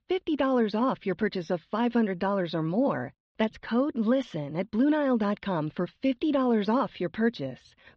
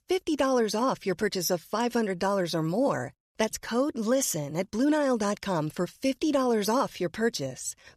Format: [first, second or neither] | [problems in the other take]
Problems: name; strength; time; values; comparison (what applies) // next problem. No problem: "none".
second | muffled; very; fading above 4 kHz